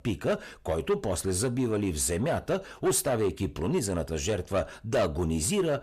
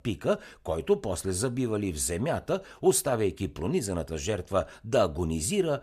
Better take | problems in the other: second | distortion; slight; 10 dB below the speech

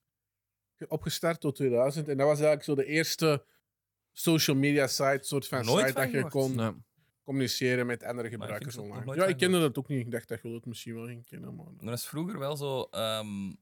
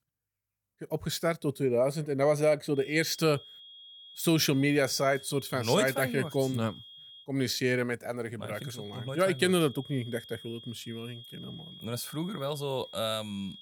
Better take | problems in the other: first | high-pitched whine; noticeable; from 3 to 7 s and from 8.5 s on; 3.5 kHz, 20 dB below the speech

